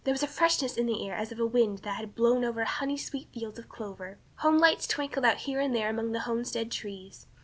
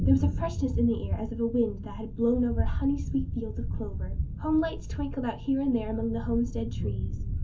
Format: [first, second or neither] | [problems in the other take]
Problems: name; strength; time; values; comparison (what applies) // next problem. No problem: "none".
first | background sound (Thunder); 1 dB below the speech // room echo; dies away in 0.3 s